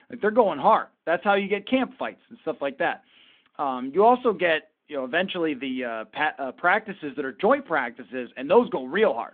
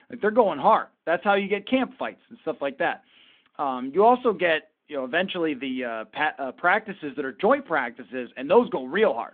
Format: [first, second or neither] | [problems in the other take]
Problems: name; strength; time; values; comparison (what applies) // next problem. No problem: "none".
neither | phone-call audio; the same in both